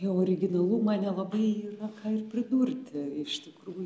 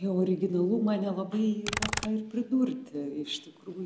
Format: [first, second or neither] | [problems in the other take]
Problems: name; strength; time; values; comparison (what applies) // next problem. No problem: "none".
first | background sound (Computer keyboard); 7 dB below the speech